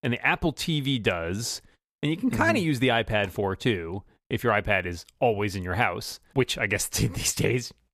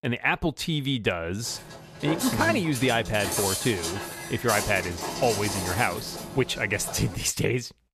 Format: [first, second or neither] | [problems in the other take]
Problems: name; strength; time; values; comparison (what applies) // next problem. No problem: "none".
first | footsteps; loud; from 1.5 to 7 s; peak 1 dB above the speech